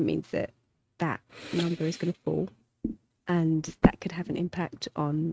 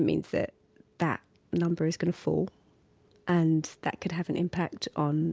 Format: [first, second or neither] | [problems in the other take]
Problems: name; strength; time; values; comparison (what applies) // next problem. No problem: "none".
second | noise reduction (neural mask model RNNoise)